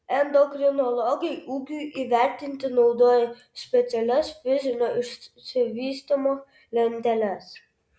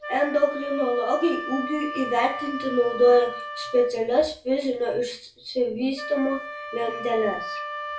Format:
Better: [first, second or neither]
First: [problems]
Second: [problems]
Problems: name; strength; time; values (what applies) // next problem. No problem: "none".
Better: first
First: none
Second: background sound (Wind instrument, woodwind instrument); 10 dB below the speech // room echo; dies away in 0.3 s